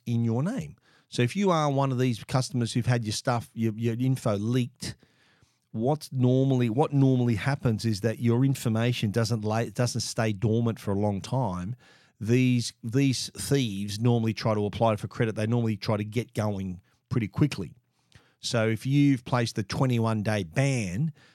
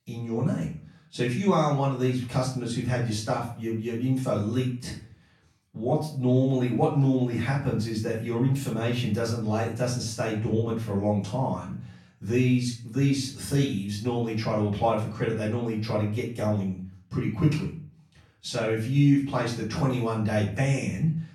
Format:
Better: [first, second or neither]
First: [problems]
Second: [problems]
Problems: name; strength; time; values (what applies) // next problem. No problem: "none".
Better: first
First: none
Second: off-mic speech; far // room echo; slight; dies away in 0.4 s